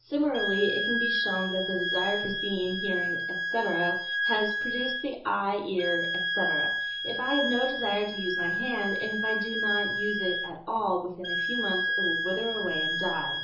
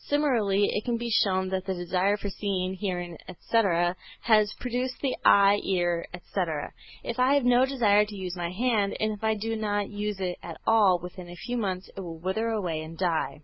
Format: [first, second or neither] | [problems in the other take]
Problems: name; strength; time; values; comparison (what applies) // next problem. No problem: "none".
second | background sound (Wind instrument, woodwind instrument); 1 dB above the speech // room echo; dies away in 0.6 s